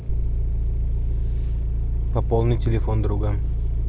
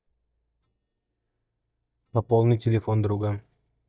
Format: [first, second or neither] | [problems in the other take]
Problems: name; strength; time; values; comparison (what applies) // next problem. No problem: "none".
first | noise reduction (neural mask model DeepFilterNet 3)